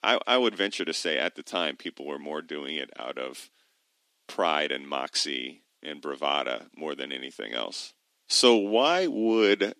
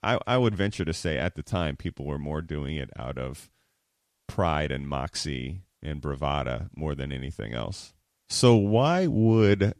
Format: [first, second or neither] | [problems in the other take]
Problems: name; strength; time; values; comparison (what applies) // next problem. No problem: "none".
second | thin; somewhat; fading below 250 Hz